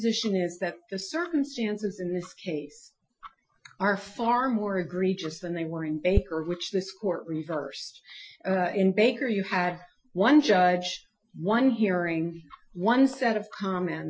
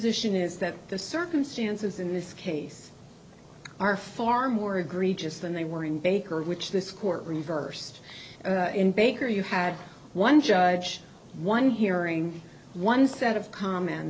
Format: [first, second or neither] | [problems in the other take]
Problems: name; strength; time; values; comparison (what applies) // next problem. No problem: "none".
second | noise reduction (classical method Wiener filter)